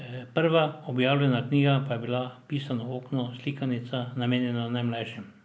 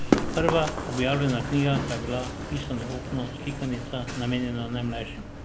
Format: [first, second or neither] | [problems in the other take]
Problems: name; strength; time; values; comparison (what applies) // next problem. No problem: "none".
first | background sound (Run); 3 dB below the speech